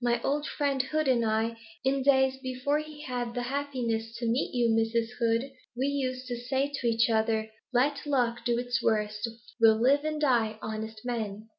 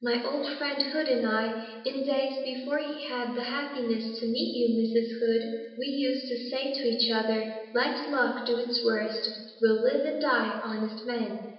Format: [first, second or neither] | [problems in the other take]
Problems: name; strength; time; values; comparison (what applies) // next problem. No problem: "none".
first | room echo; dies away in 1.3 s